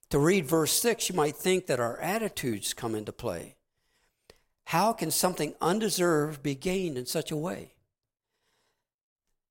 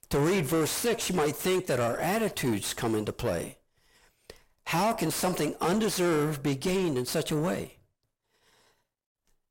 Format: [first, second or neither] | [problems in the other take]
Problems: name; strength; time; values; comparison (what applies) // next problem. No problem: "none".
first | distortion; heavy; 7 dB below the speech